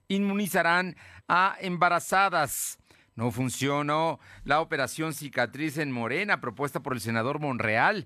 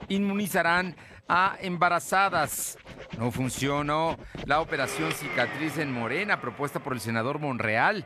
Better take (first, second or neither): first